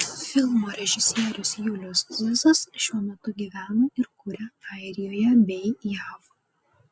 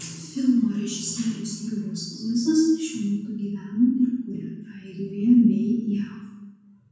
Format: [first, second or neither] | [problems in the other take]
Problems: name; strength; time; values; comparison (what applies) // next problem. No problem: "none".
first | room echo; dies away in 1.1 s